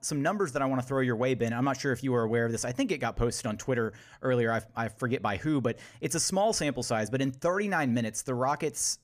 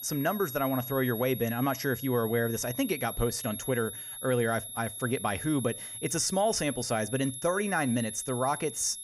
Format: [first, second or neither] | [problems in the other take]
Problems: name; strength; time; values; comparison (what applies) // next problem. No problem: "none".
first | high-pitched whine; loud; throughout; 11 kHz, 8 dB below the speech